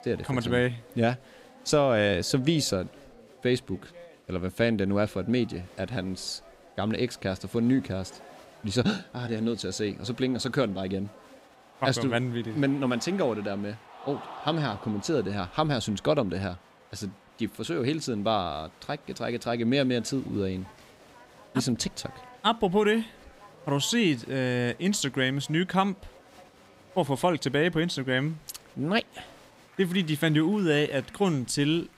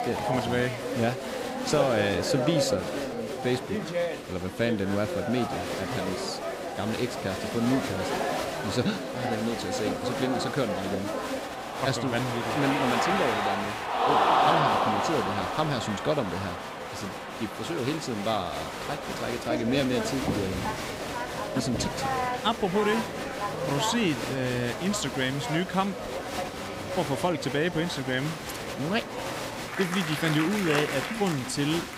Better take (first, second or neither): first